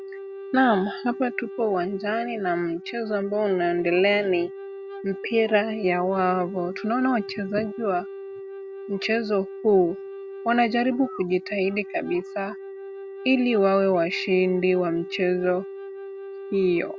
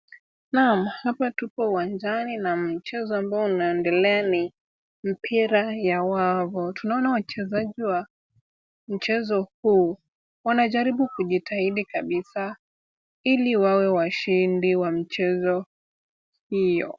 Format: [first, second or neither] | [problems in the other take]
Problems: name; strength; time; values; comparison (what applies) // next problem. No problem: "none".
second | background sound (Wind instrument, woodwind instrument); 12 dB below the speech